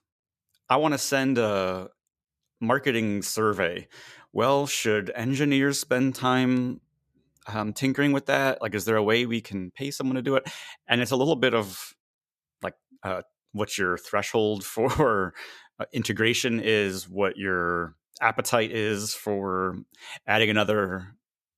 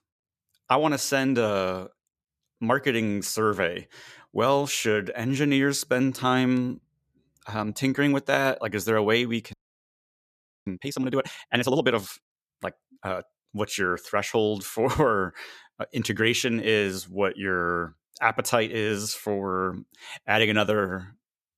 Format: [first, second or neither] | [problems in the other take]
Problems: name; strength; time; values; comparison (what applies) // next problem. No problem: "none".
first | audio freezing; at 9.5 s for 1 s